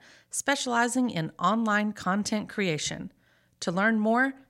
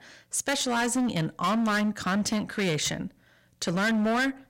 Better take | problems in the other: first | distortion; heavy; 20% of the sound clipped

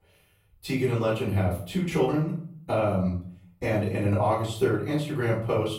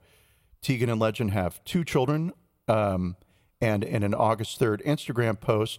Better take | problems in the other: second | room echo; slight; dies away in 0.5 s // off-mic speech; far

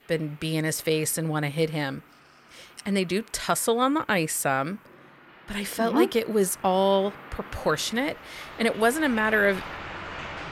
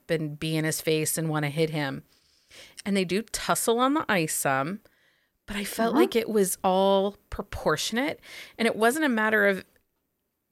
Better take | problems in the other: second | rain or running water; noticeable; throughout; 15 dB below the speech

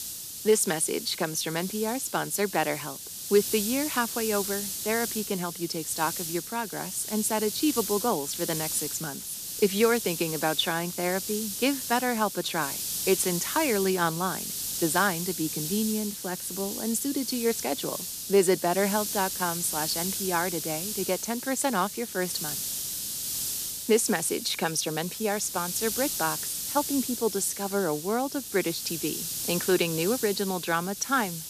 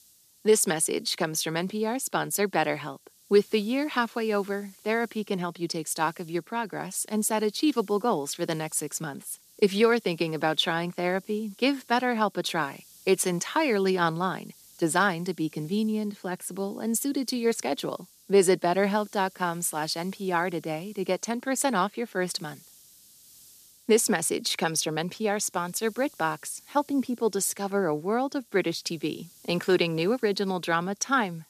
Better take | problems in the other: second | hiss; loud; throughout; 4 dB below the speech; faint in the second

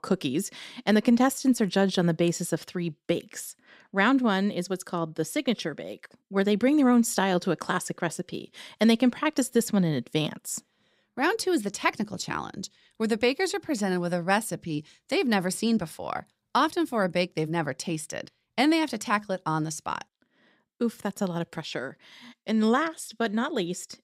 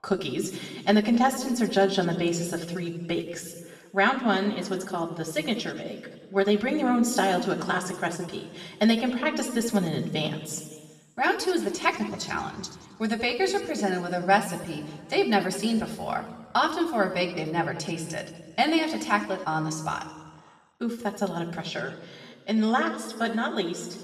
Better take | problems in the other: first | room echo; noticeable; dies away in 1.3 s // off-mic speech; somewhat distant

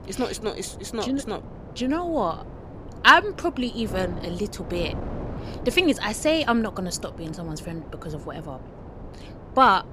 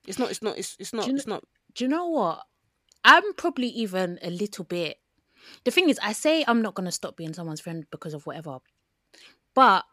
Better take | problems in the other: second | wind noise on the microphone; occasional gusts; 20 dB below the speech

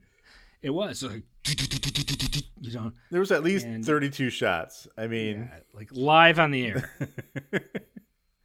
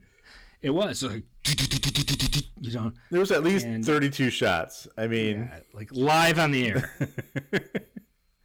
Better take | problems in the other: first | distortion; heavy; 6% of the sound clipped

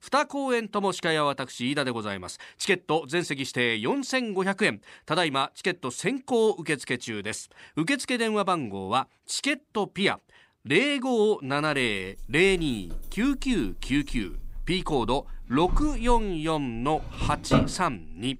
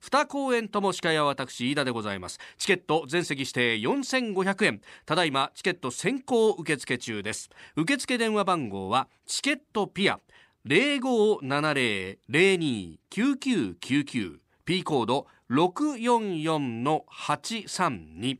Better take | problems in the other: second | household noises; loud; from 12 s on; 7 dB below the speech

